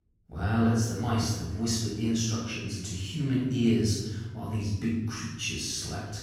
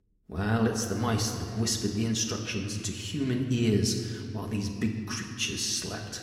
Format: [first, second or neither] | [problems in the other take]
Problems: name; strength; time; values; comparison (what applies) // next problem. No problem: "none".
second | room echo; strong; dies away in 1.2 s; slight in the second // off-mic speech; far; somewhat distant in the second